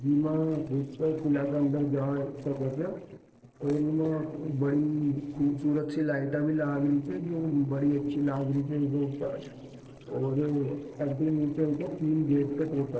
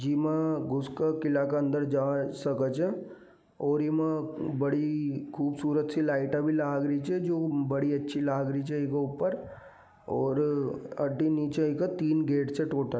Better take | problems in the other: second | noise reduction (neural separator model SepFormer DNS4)

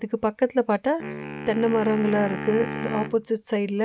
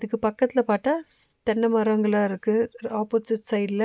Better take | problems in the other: second | background sound (Wind instrument, woodwind instrument); 10 dB below the speech

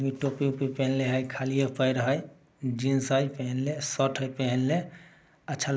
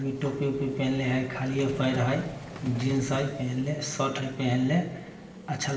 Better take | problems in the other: first | background sound (Vehicle); 12 dB below the speech // room echo; dies away in 0.8 s

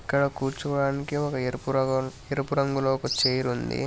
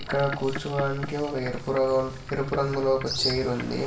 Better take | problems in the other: first | background sound (Boat, Water vehicle); 13 dB below the speech // room echo; dies away in 0.5 s

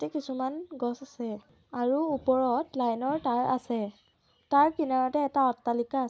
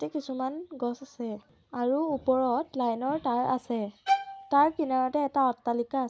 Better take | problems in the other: first | background sound (Bowed string instrument); 3 dB below the speech

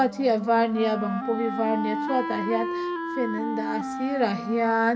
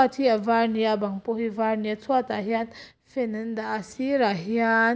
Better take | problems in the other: second | background sound (Wind instrument, woodwind instrument); 5 dB below the speech // room echo; dies away in 1.1 s

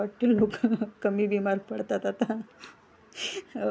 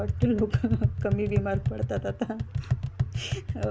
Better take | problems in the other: first | background sound (Tap); 2 dB above the speech

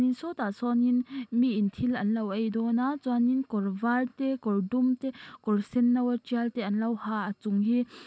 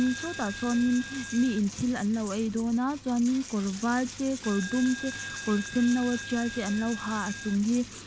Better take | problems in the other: first | background sound (Coin (dropping)); 11 dB below the speech

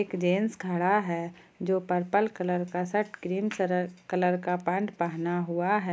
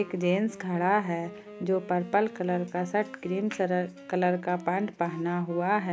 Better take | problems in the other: first | background sound (Wind instrument, woodwind instrument); 17 dB below the speech

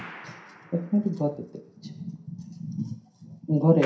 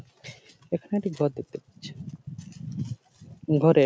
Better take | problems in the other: second | background sound (Clapping); 17 dB below the speech // room echo; dies away in 0.5 s

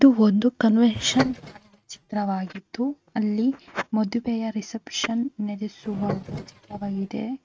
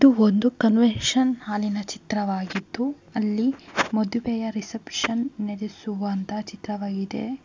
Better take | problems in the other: second | noise reduction (neural mask model RNNoise)

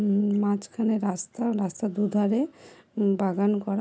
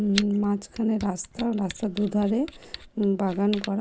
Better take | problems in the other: first | background sound (Camera); 15 dB below the speech

